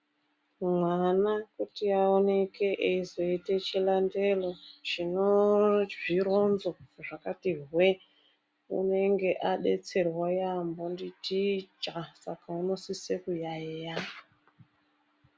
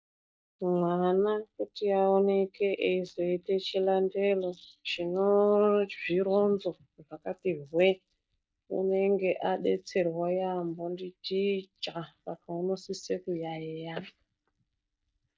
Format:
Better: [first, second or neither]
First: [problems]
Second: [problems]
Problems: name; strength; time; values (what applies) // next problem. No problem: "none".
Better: first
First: none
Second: noise reduction (neural mask model DeepFilterNet 3)